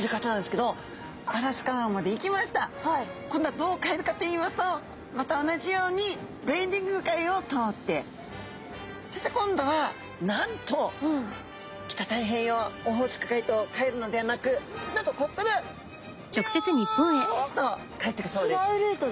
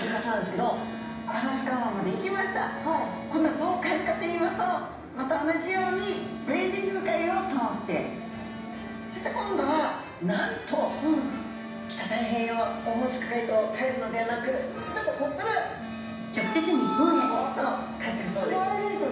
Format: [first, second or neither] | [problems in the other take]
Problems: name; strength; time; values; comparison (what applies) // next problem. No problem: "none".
first | background sound (Wind instrument, woodwind instrument); 11 dB below the speech // room echo; dies away in 0.9 s